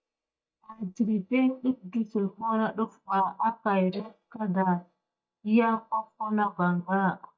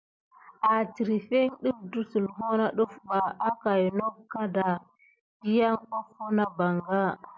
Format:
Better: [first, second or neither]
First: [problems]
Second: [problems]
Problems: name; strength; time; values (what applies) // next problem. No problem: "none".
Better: second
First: noise reduction (neural mask model DeepFilterNet 3)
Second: none